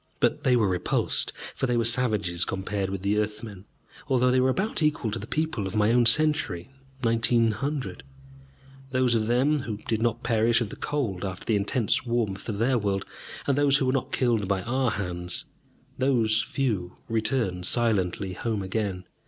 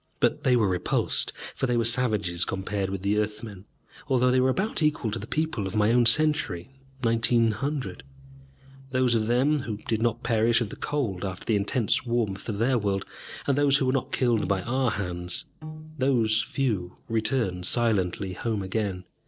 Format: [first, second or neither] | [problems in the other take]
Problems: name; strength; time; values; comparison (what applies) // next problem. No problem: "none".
first | noise reduction (neural separator model SepFormer DNS4)